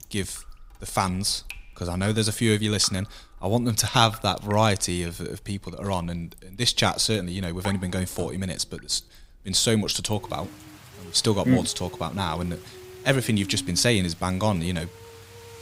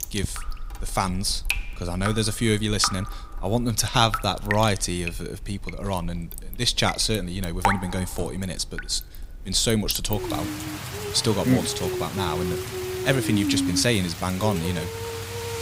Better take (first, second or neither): first